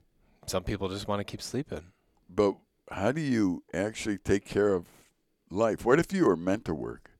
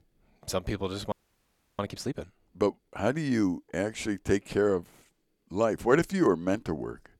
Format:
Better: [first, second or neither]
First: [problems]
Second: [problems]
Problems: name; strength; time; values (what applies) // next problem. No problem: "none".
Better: first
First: none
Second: audio freezing; at 1 s for 0.5 s